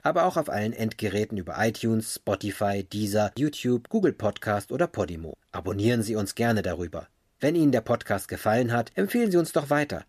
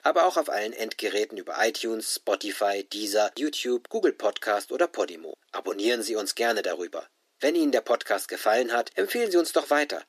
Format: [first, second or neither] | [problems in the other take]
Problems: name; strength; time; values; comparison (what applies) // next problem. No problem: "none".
first | thin; somewhat; fading below 300 Hz